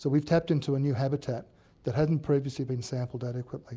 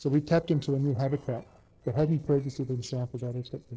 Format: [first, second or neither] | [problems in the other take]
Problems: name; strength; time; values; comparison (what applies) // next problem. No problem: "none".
first | noise reduction (neural separator model SepFormer DNS4)